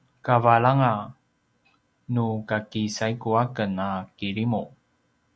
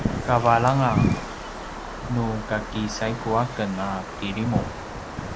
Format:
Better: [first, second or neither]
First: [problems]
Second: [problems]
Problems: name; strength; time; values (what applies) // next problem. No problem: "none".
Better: first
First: none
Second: background sound (Wind); 4 dB below the speech